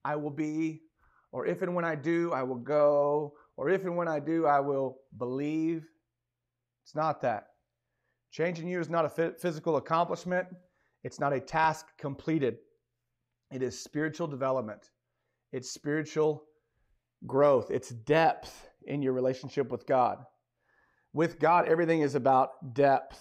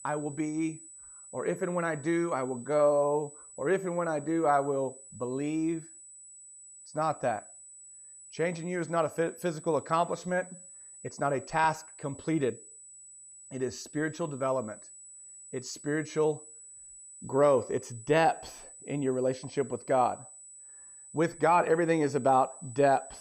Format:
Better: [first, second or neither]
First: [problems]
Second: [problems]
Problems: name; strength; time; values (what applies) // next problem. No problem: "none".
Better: first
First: none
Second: high-pitched whine; noticeable; throughout; 8 kHz, 15 dB below the speech